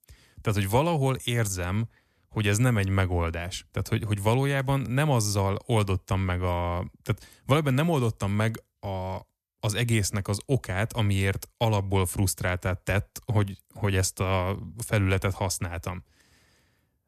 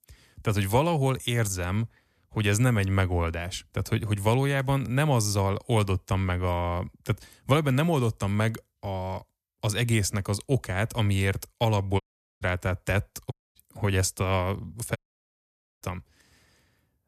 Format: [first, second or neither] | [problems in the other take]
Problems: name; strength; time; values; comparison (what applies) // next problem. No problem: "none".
first | audio cutting out; at 12 s, at 13 s and at 15 s for 1 s